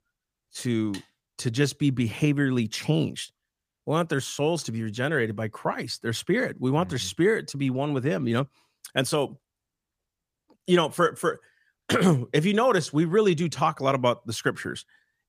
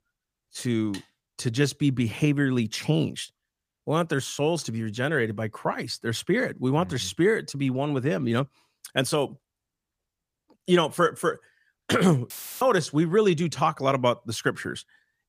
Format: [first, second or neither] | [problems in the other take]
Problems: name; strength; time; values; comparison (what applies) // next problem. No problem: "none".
first | audio cutting out; filled with static; at 12 s